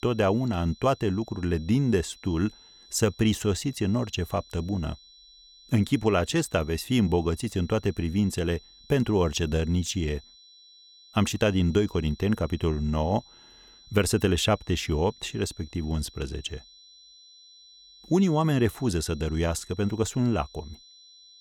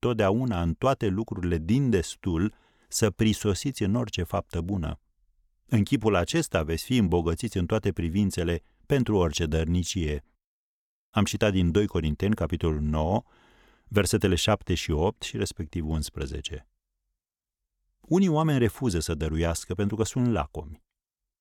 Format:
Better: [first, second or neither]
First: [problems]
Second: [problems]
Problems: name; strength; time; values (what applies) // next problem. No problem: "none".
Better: second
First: high-pitched whine; faint; throughout; 4 kHz, 25 dB below the speech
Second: none